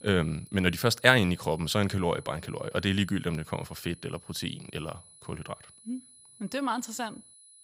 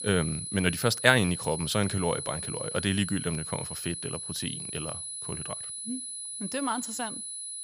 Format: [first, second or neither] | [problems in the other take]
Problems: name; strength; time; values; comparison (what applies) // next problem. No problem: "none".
first | high-pitched whine; loud; throughout; 10 kHz, 5 dB below the speech; faint in the first